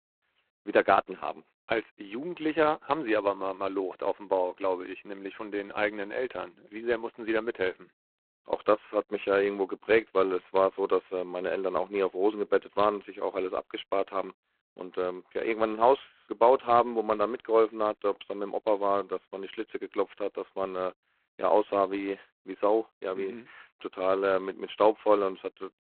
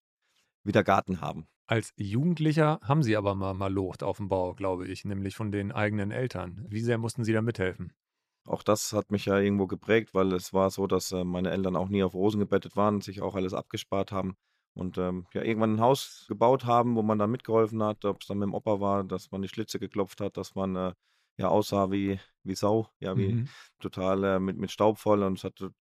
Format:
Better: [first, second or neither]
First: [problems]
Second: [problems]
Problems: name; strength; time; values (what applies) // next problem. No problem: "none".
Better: second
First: phone-call audio; poor line; nothing above 4 kHz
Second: none